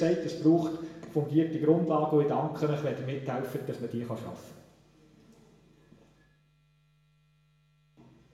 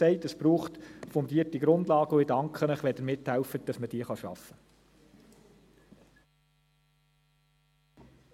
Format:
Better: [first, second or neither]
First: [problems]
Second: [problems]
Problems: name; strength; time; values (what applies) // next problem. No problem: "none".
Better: second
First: room echo; dies away in 0.9 s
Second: none